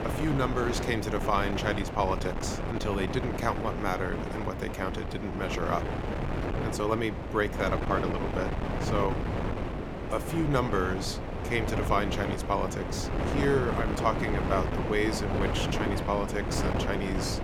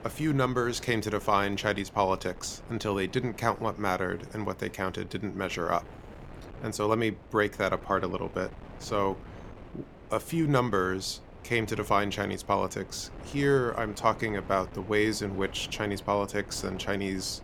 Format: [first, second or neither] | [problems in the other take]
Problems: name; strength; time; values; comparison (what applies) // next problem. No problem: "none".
second | wind noise on the microphone; heavy; 4 dB below the speech; occasional gusts in the second